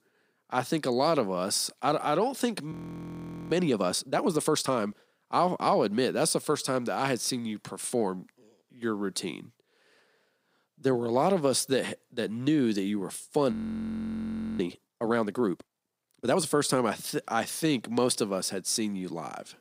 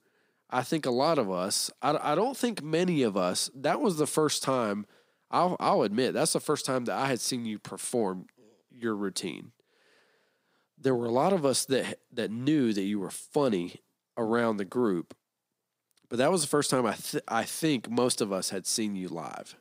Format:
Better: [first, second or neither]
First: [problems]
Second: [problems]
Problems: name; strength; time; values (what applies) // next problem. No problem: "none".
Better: second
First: audio freezing; at 2.5 s for 1 s and at 14 s for 1 s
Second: none